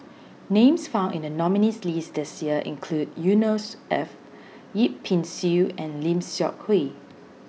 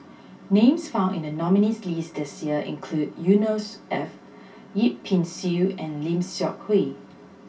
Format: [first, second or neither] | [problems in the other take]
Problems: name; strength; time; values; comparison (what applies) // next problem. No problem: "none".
first | room echo; dies away in 0.1 s